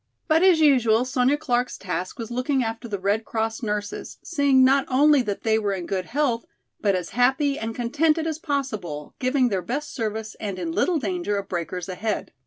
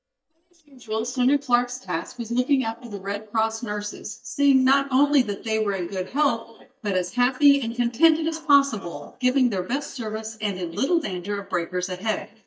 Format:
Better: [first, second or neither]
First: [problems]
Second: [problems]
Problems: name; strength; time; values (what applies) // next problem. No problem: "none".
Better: first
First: none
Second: noise reduction (neural mask model DeepFilterNet 3)